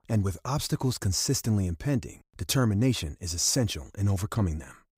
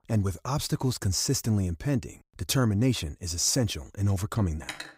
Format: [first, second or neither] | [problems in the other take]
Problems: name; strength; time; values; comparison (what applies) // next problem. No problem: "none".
first | clattering dishes; very faint; at 4.5 s; peak 10 dB below the speech